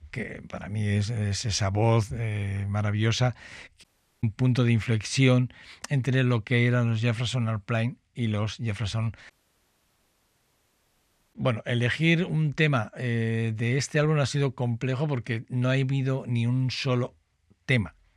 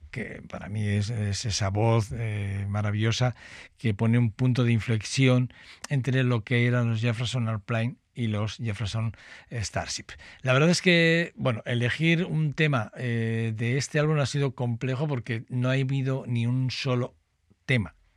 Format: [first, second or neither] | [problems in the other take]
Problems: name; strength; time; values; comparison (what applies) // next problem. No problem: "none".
second | audio cutting out; at 4 s and at 9.5 s for 2 s